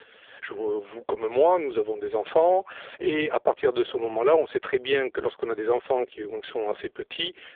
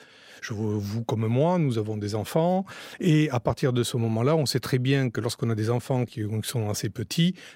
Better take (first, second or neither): second